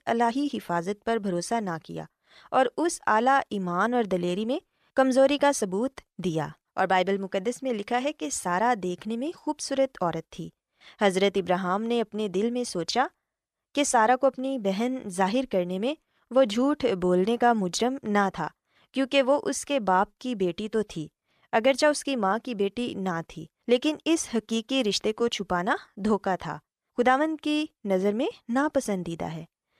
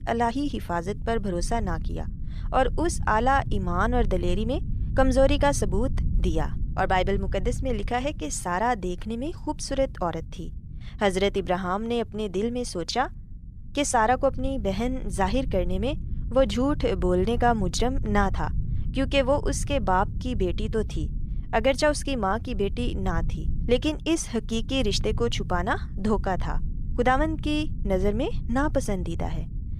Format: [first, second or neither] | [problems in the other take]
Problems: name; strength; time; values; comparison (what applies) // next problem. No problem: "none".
first | low rumble; faint; throughout; 20 dB below the speech